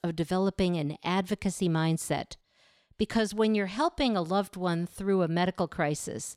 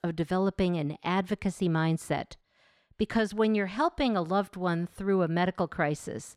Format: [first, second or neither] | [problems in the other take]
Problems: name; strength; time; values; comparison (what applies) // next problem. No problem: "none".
first | muffled; very slightly; fading above 3.5 kHz